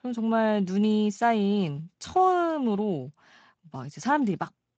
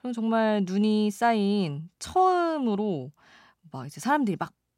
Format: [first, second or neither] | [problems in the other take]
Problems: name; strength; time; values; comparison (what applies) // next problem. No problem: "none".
second | garbled, watery; slightly; nothing above 7.5 kHz